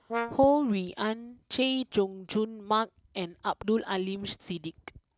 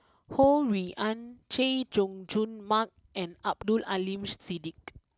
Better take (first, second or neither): second